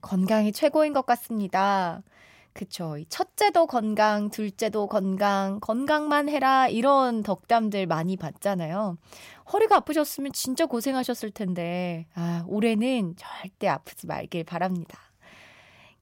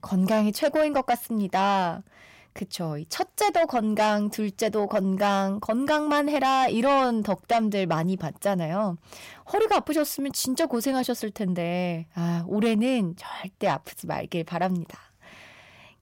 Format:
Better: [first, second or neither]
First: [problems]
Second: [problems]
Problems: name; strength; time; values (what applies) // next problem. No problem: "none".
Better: first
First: none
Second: distortion; slight; 10 dB below the speech